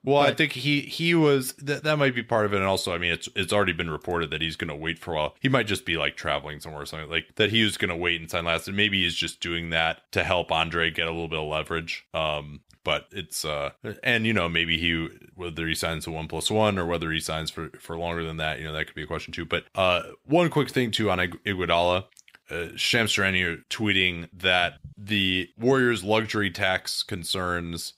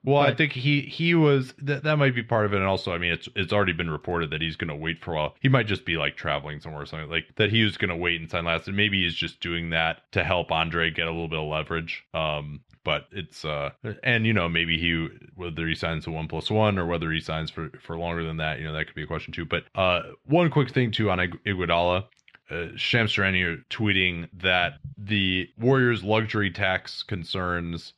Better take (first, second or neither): first